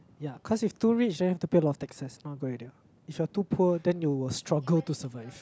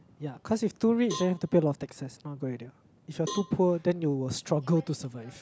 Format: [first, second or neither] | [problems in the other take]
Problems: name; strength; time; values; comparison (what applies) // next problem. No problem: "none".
first | background sound (Cowbell); 16 dB below the speech